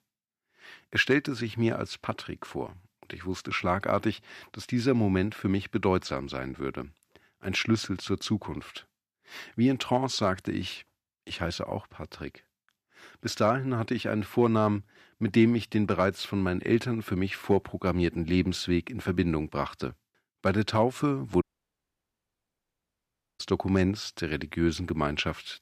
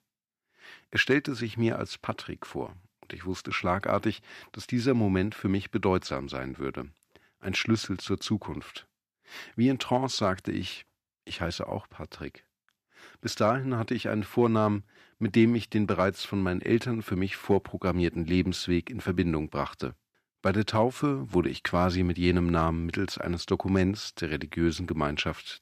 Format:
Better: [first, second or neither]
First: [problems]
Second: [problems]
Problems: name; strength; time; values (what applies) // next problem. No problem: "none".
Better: second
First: audio cutting out; at 21 s for 2 s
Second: none